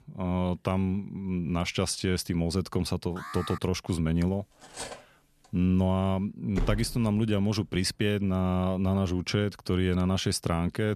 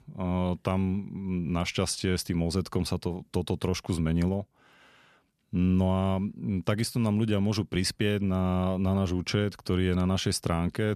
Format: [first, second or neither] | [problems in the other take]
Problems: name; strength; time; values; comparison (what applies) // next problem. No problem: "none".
second | alarm; faint; at 3 s; peak 10 dB below the speech // clattering dishes; faint; at 4.5 s; peak 10 dB below the speech // door banging; noticeable; at 6.5 s; peak 6 dB below the speech